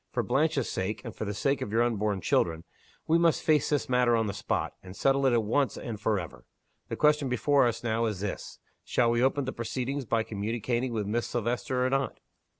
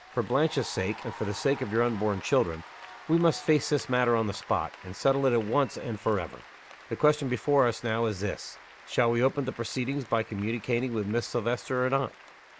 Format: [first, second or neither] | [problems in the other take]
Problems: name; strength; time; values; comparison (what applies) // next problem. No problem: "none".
first | background sound (Applause / Cheering); 19 dB below the speech